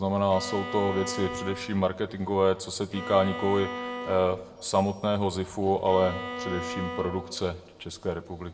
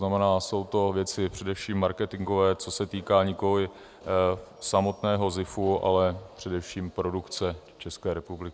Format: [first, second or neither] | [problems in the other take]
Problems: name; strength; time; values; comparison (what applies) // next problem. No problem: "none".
second | background sound (Bowed string instrument); 10 dB below the speech // room echo; dies away in 0.6 s